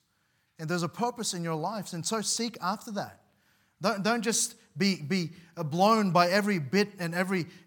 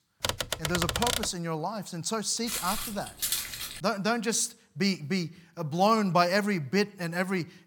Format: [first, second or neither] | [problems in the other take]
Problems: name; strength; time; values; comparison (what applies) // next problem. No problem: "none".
first | keyboard typing; loud; until 1.5 s; peak 1 dB above the speech // footsteps; loud; from 2.5 to 4 s; peak level with the speech